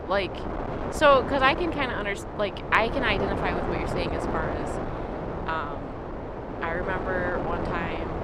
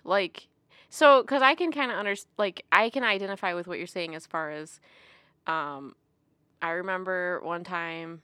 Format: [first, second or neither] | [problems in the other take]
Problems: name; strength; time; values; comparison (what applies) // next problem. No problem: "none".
second | wind noise on the microphone; heavy; 7 dB below the speech